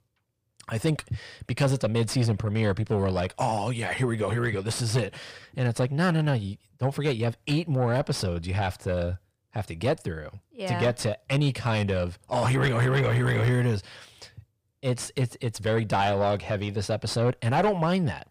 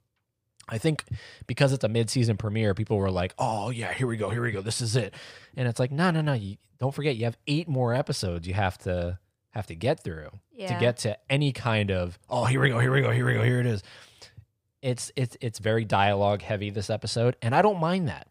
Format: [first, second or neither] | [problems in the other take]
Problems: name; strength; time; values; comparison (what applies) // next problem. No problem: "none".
second | distortion; slight; 10 dB below the speech